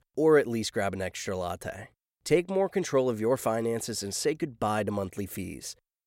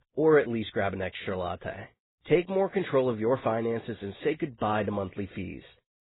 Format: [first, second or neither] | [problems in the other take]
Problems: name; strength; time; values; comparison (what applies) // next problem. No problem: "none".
first | garbled, watery; badly; nothing above 4 kHz